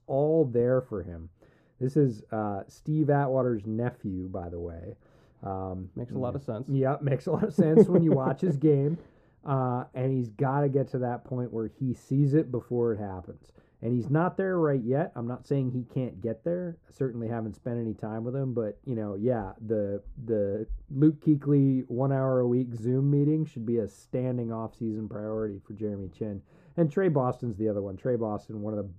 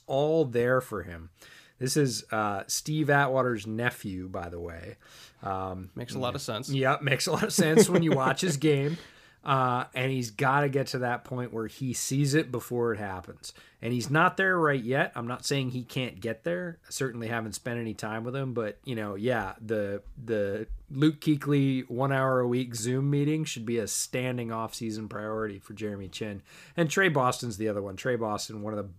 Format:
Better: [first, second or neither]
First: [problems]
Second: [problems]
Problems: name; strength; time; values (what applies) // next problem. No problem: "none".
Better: second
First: muffled; very; fading above 1.5 kHz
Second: none